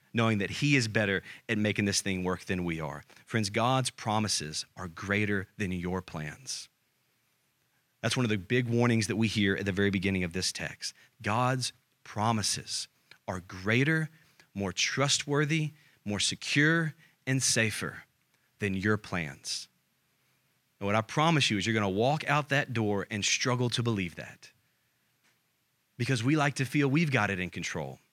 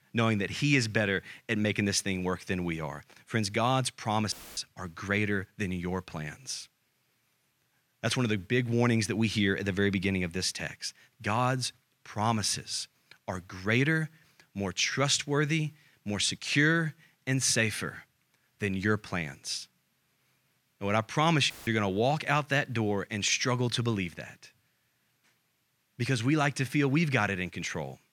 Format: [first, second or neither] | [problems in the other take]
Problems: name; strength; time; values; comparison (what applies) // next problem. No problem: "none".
first | audio cutting out; filled with static; at 4.5 s and at 22 s